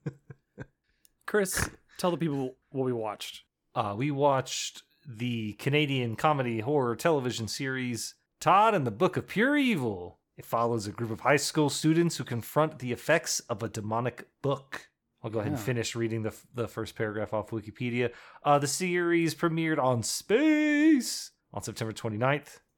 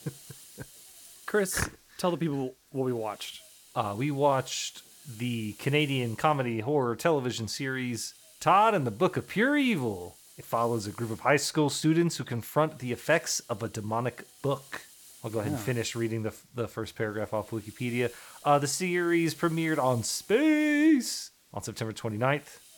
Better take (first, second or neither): first